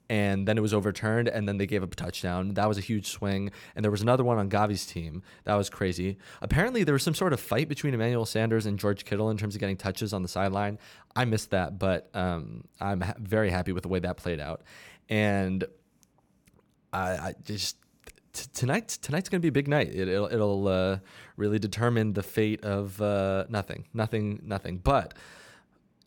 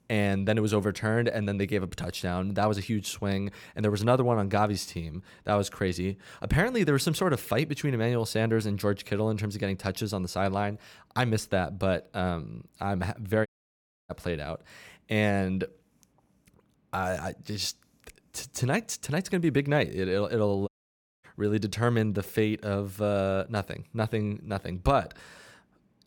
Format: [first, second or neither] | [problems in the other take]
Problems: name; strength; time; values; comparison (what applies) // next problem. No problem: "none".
first | audio cutting out; at 13 s for 0.5 s and at 21 s for 0.5 s